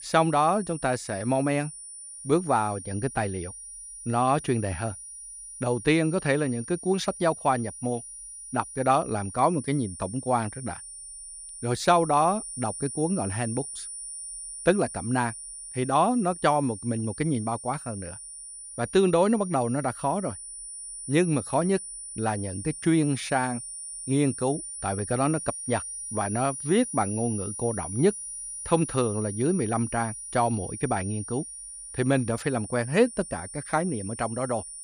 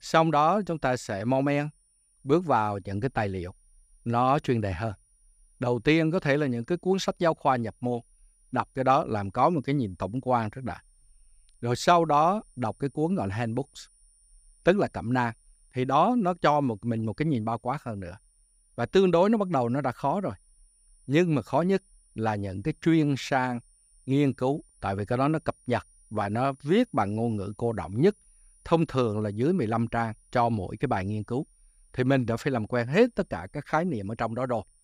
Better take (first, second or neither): second